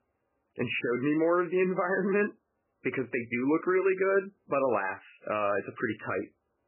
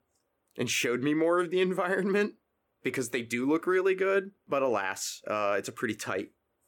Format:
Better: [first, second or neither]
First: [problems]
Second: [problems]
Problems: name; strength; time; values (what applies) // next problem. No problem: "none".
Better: second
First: garbled, watery; badly; nothing above 3 kHz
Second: none